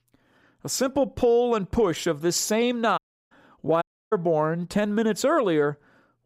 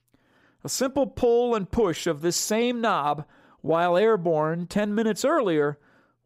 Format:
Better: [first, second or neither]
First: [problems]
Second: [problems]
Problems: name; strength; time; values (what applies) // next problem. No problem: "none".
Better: second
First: audio cutting out; at 3 s and at 4 s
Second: none